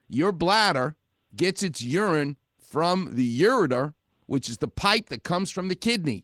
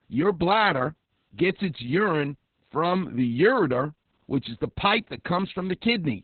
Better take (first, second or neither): first